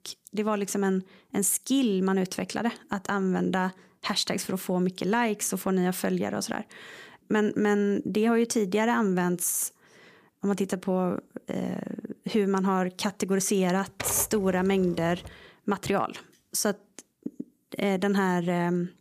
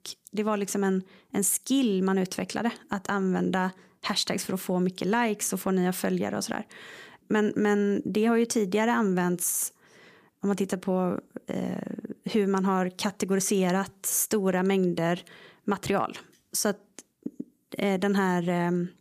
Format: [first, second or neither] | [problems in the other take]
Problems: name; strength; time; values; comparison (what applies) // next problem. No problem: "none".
second | keyboard typing; noticeable; from 14 to 15 s; peak 8 dB below the speech